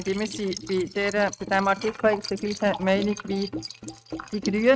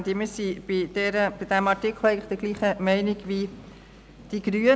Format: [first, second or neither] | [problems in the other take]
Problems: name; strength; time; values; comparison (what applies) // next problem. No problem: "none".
second | noise reduction (neural mask model RNNoise)